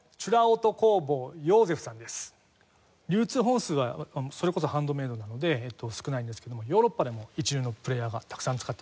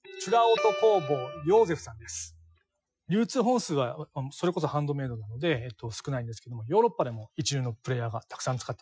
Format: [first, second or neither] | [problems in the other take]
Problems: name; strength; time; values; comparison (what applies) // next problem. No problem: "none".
first | noise reduction (classical method Wiener filter)